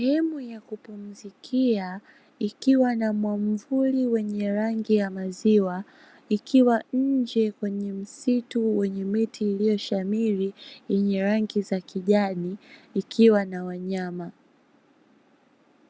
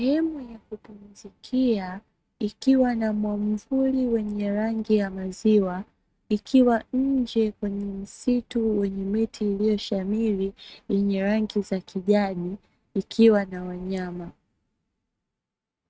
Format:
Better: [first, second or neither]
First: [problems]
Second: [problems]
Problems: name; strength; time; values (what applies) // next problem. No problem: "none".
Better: first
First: none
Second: noise reduction (neural mask model RNNoise)